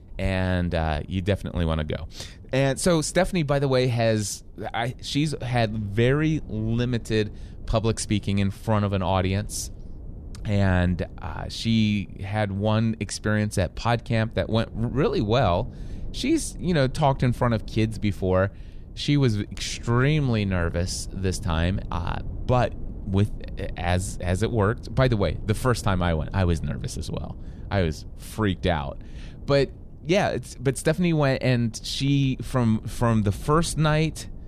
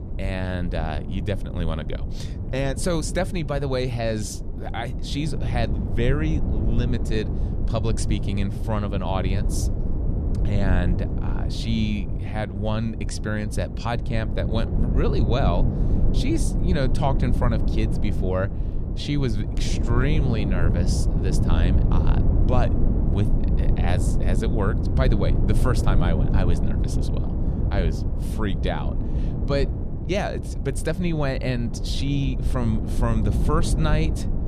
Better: first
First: low rumble; faint; throughout; 25 dB below the speech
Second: low rumble; loud; throughout; 6 dB below the speech

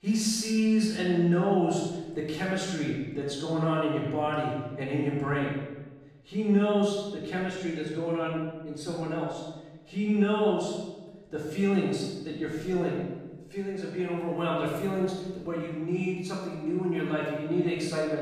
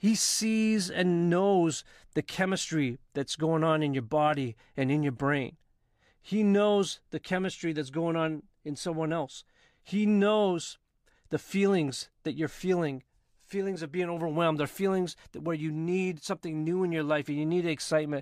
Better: second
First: off-mic speech; far // room echo; strong; dies away in 1.1 s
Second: none

